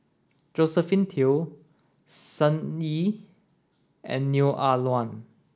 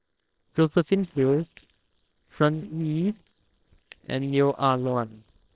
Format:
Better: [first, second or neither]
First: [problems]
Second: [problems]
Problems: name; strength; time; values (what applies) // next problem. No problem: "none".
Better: first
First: none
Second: noise reduction (neural separator model SepFormer WHAMR!)